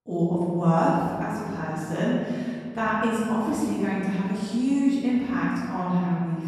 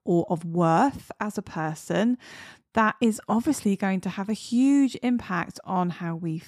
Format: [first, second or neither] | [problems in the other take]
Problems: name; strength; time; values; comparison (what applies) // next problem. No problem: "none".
second | room echo; strong; dies away in 2 s // off-mic speech; far